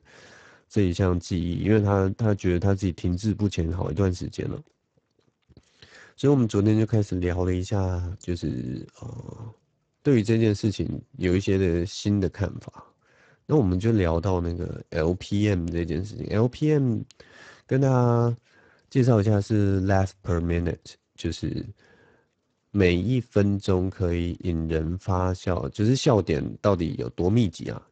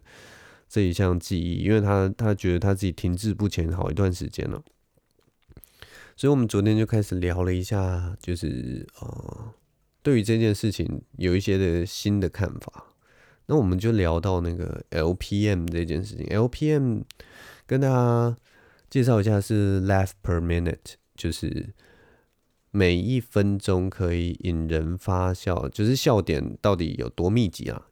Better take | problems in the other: second | garbled, watery; badly; nothing above 7.5 kHz

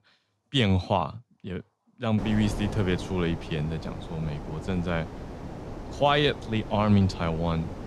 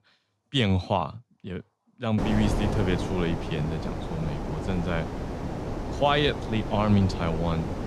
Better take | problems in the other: first | wind noise on the microphone; heavy; from 2 s on; 6 dB below the speech; occasional gusts in the first

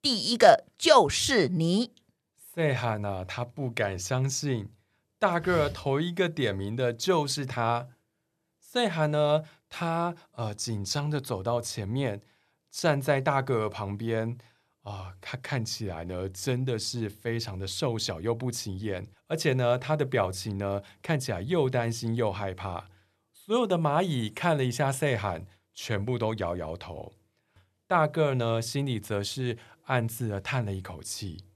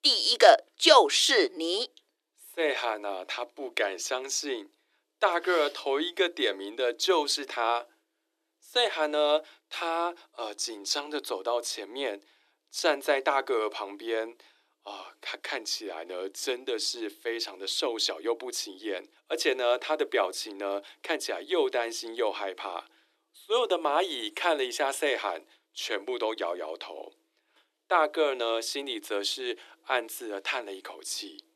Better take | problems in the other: first | thin; very; fading below 300 Hz

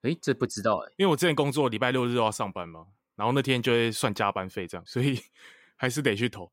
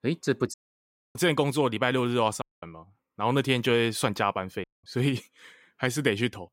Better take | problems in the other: first | audio cutting out; at 0.5 s for 0.5 s, at 2.5 s and at 4.5 s

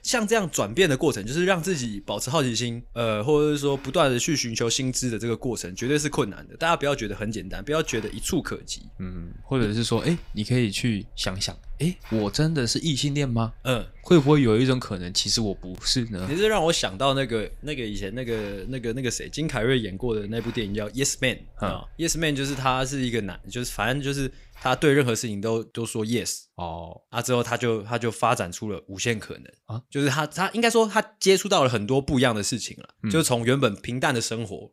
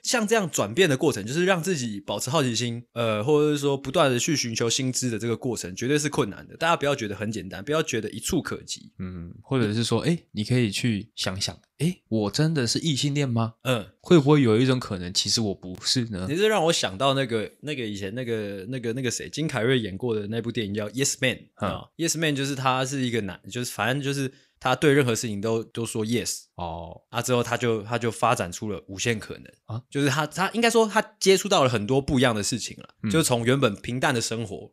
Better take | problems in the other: second | hiss; faint; until 25 s; 25 dB below the speech

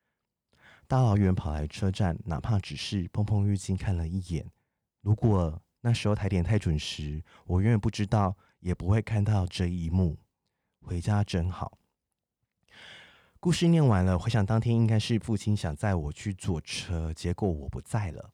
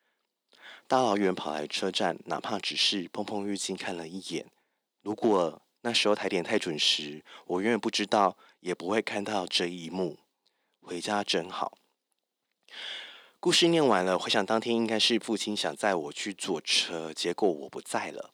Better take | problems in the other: first | thin; very; fading below 300 Hz

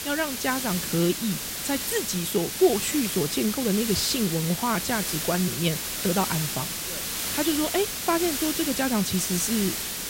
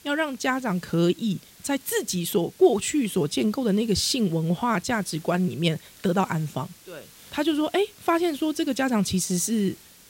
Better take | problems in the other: second | hiss; loud; throughout; 2 dB below the speech; faint in the second

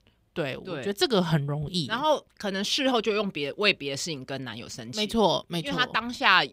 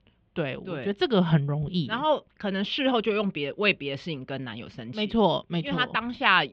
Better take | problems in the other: first | muffled; slightly; fading above 3 kHz

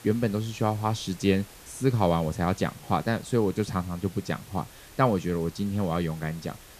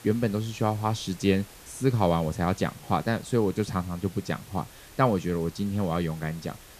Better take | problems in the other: neither | hiss; noticeable; throughout; 20 dB below the speech; the same in both

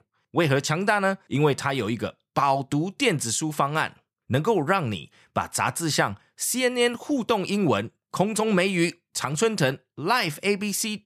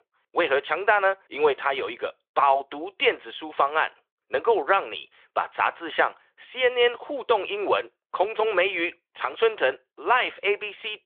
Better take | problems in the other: first | phone-call audio; nothing above 3.5 kHz

